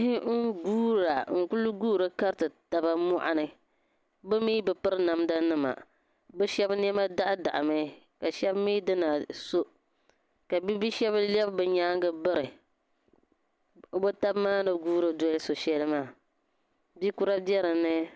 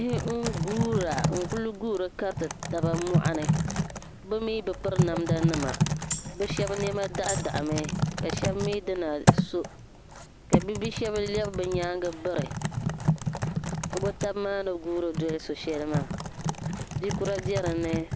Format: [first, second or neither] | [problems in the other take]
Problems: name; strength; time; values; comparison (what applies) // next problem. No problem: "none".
first | background sound (Tambourine + Typing); 1 dB above the speech